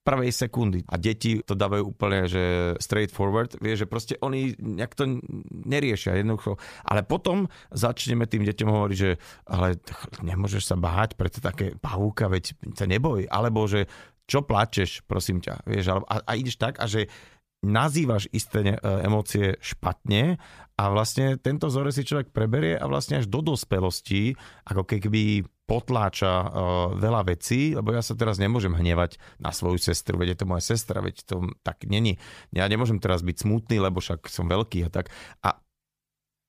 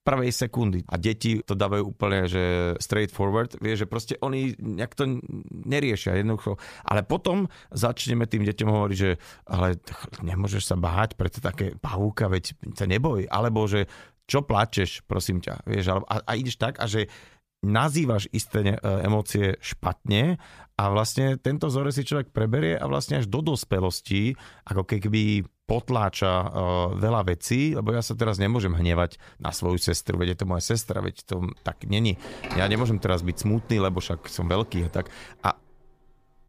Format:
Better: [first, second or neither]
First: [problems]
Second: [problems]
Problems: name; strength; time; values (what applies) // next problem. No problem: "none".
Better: first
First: none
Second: door banging; noticeable; from 32 to 36 s; peak 7 dB below the speech